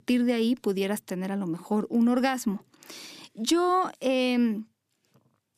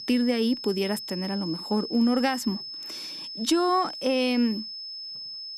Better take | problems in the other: first | high-pitched whine; loud; throughout; 5 kHz, 9 dB below the speech

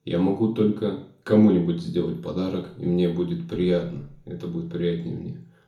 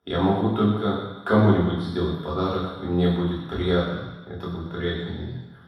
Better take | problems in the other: first | room echo; strong; dies away in 1.2 s; slight in the first // off-mic speech; far; far in the first

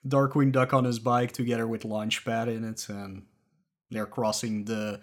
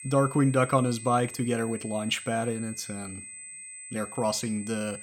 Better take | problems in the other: first | high-pitched whine; noticeable; throughout; 8 kHz, 10 dB below the speech

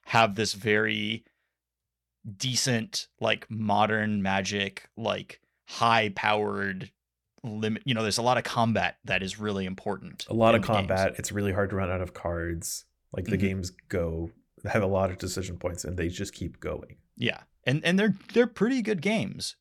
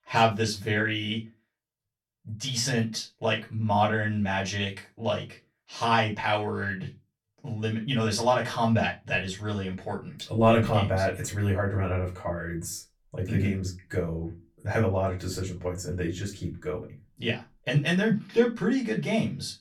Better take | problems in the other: first | off-mic speech; far // room echo; very slight; dies away in 0.2 s

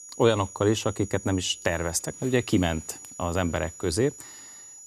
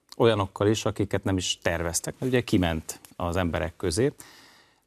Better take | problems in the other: second | high-pitched whine; noticeable; throughout; 7 kHz, 15 dB below the speech

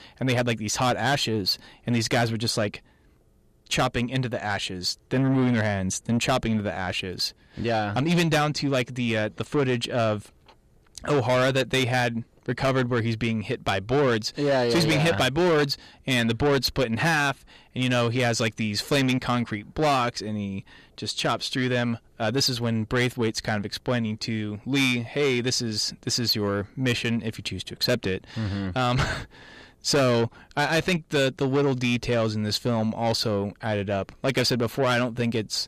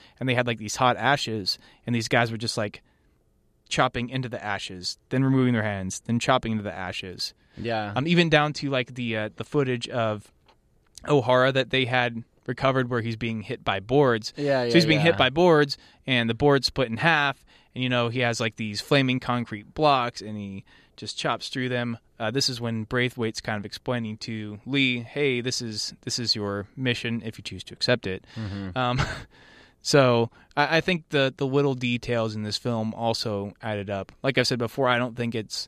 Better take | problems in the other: second | distortion; heavy; 7 dB below the speech

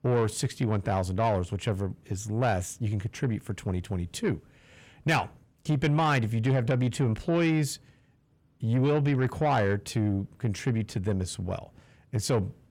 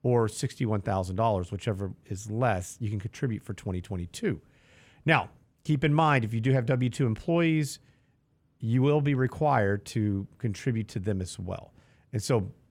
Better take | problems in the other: second | distortion; slight; 10 dB below the speech

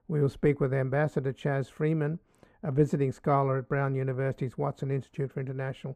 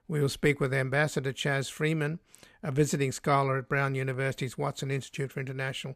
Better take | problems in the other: second | muffled; very; fading above 2 kHz

